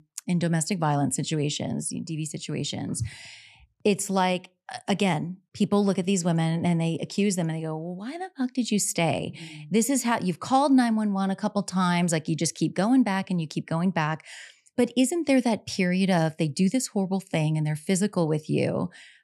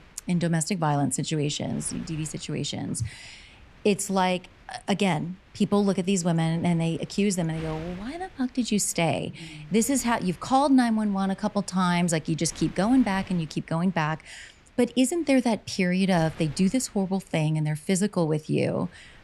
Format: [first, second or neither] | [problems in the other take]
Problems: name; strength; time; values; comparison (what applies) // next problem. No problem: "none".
first | wind noise on the microphone; occasional gusts; 25 dB below the speech